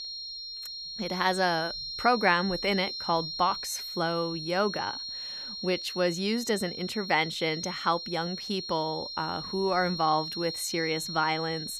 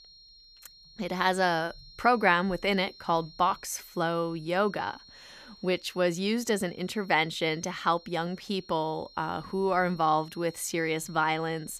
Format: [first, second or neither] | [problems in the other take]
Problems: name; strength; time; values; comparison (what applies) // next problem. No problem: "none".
second | high-pitched whine; loud; throughout; 4 kHz, 6 dB below the speech; faint in the second